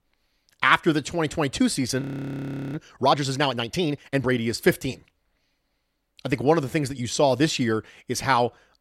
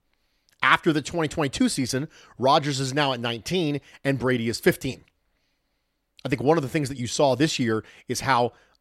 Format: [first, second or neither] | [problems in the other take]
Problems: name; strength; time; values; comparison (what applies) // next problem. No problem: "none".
second | audio freezing; at 2 s for 0.5 s